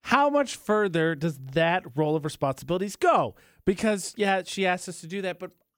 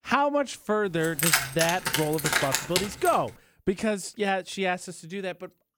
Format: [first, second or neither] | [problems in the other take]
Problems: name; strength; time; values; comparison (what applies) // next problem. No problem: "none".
first | jangling keys; loud; from 1 to 3 s; peak 5 dB above the speech